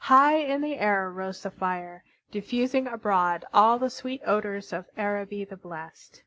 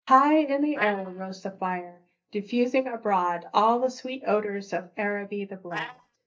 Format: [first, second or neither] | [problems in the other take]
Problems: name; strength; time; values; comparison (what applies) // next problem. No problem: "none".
first | noise reduction (neural mask model DeepFilterNet 3)